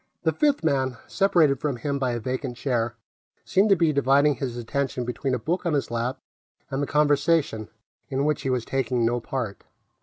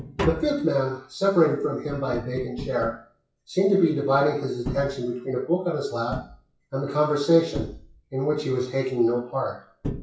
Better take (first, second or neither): first